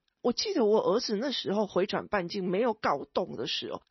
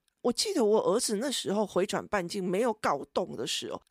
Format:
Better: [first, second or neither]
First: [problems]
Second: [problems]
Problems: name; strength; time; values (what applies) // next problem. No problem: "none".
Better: second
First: garbled, watery; slightly; nothing above 6 kHz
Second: none